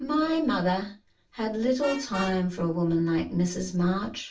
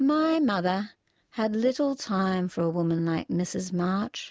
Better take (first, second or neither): second